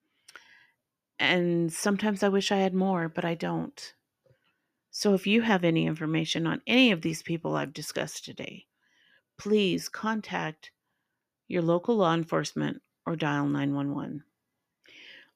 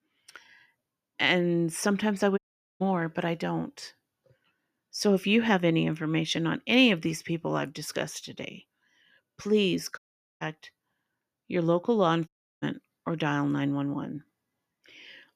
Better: first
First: none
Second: audio cutting out; at 2.5 s, at 10 s and at 12 s

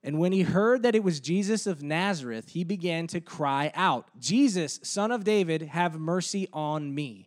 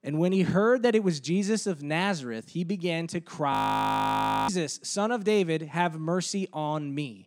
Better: first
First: none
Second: audio freezing; at 3.5 s for 1 s

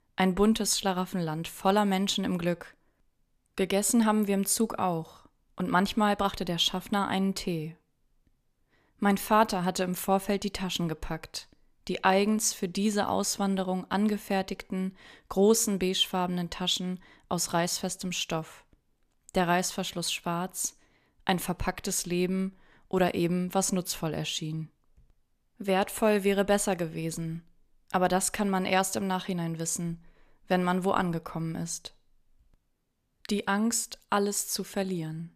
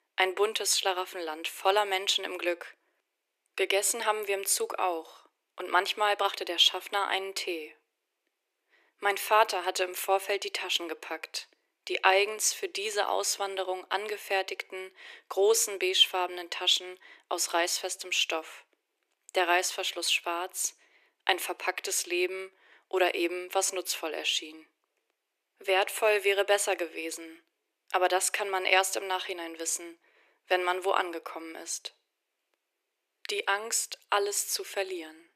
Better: first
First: none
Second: thin; very; fading below 350 Hz

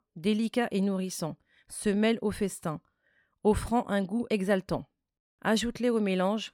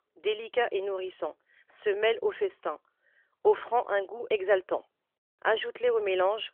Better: first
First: none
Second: phone-call audio; nothing above 3.5 kHz

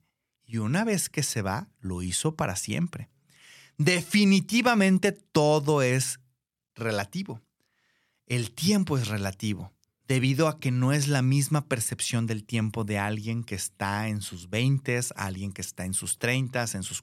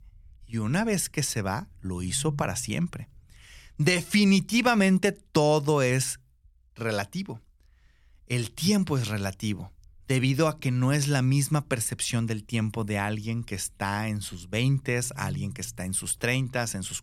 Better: first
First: none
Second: low rumble; faint; throughout; 20 dB below the speech

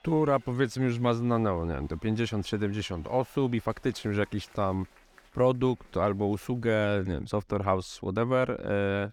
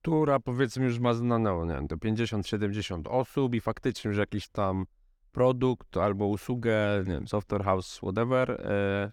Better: second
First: crowd noise; faint; until 6.5 s; 30 dB below the speech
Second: none

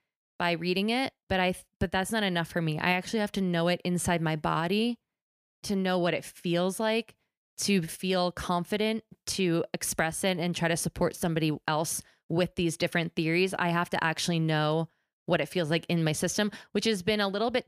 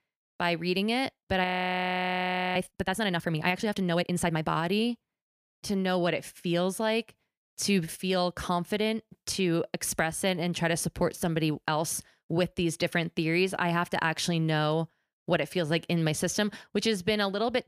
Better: first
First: none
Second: audio freezing; at 1.5 s for 1 s

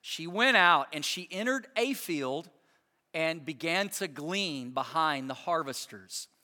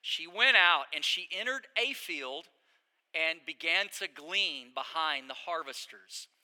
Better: first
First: none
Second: thin; somewhat; fading below 450 Hz

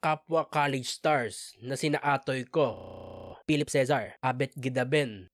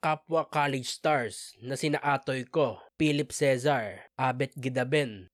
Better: second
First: audio freezing; at 2.5 s for 0.5 s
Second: none

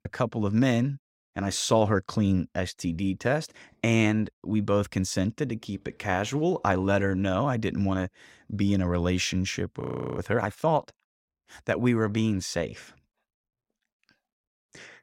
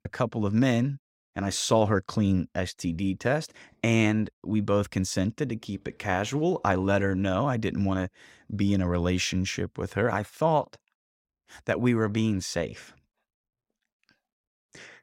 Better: second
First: audio freezing; at 10 s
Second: none

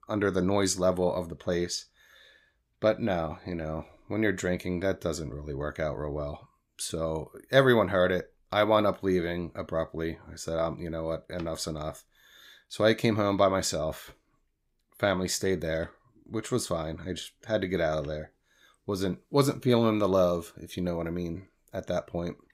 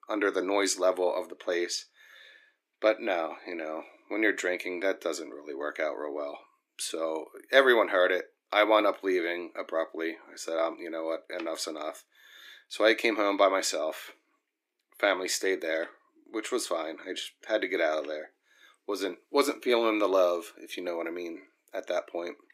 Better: first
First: none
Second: thin; somewhat; fading below 300 Hz

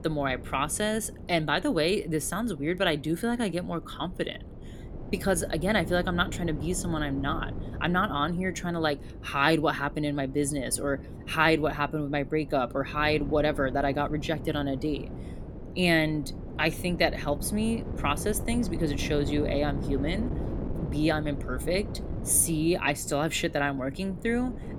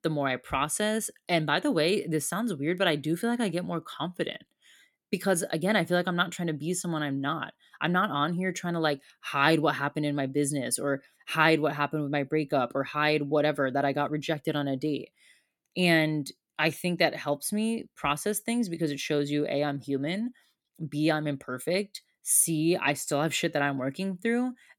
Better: second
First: wind noise on the microphone; occasional gusts; 15 dB below the speech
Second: none

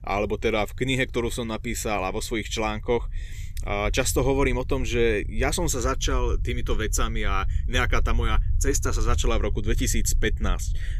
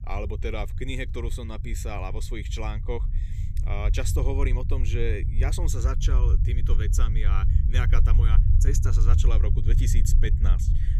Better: first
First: low rumble; faint; throughout; 25 dB below the speech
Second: low rumble; loud; throughout; 7 dB below the speech

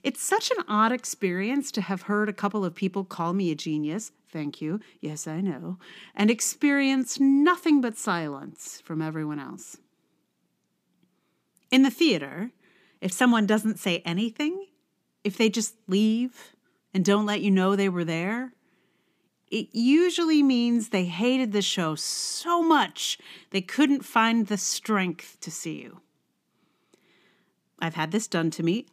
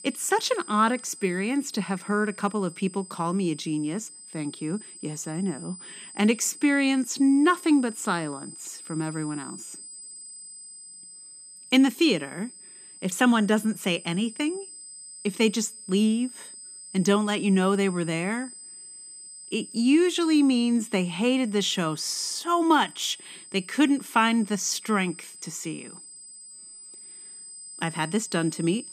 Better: first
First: none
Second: high-pitched whine; noticeable; throughout; 8 kHz, 15 dB below the speech

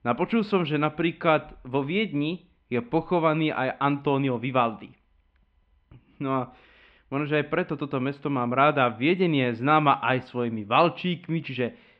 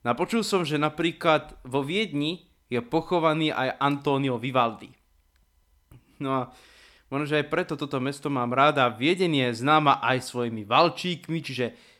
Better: second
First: muffled; slightly; fading above 3 kHz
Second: none

